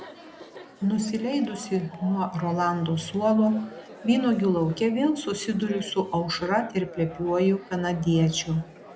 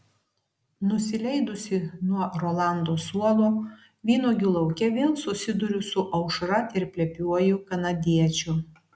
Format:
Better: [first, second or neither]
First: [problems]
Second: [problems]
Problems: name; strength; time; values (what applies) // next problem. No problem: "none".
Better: second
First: background sound (Chatter); 18 dB below the speech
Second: none